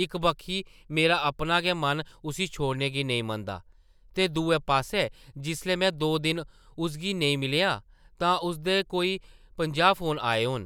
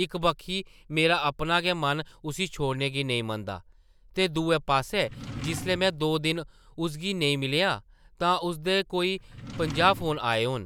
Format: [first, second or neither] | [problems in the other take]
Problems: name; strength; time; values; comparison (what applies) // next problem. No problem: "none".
first | background sound (Drawer open or close); 12 dB below the speech